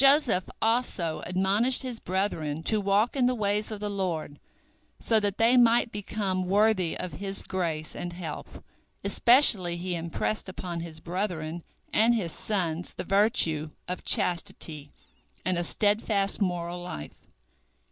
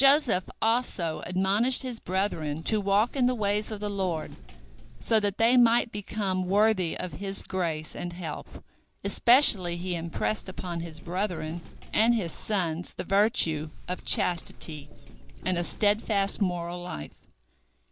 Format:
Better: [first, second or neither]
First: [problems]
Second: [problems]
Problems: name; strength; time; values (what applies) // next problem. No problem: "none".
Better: first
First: none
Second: background sound (Walk, footsteps); 12 dB below the speech